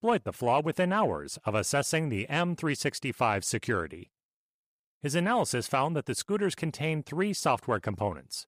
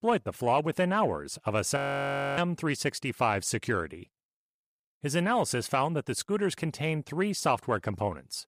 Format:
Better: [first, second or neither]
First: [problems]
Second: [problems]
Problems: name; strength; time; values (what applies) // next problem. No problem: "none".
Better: first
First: none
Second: audio freezing; at 2 s for 0.5 s